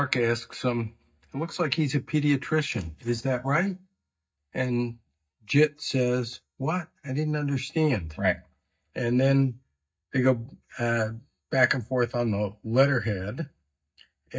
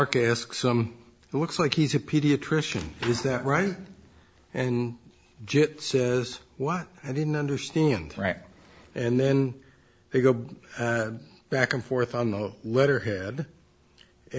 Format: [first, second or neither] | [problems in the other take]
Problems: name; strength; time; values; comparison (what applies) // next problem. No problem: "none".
second | noise reduction (neural mask model DeepFilterNet 3)